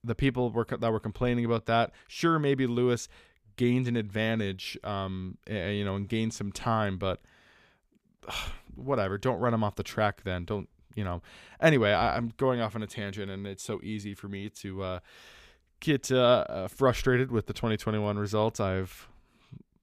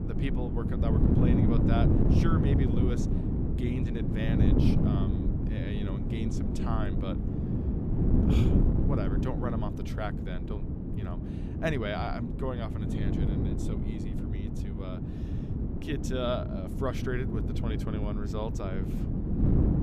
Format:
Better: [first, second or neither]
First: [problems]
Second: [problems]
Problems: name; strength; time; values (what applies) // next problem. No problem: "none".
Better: first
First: none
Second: wind noise on the microphone; heavy; as loud as the speech